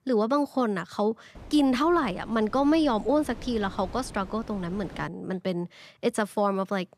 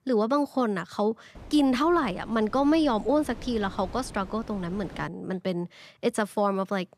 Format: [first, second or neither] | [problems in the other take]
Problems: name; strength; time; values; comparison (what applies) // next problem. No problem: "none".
neither | wind noise on the microphone; occasional gusts; from 1.5 to 5 s; 20 dB below the speech; the same in both